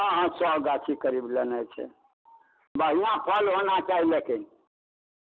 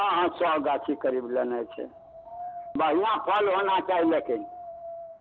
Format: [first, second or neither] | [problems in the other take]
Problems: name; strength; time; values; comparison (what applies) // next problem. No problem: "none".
first | background sound (Wind); 16 dB below the speech